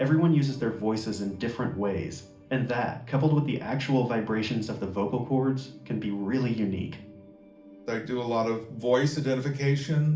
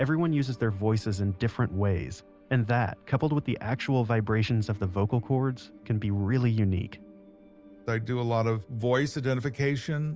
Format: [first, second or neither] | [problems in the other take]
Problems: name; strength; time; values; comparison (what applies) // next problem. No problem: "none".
second | room echo; dies away in 0.4 s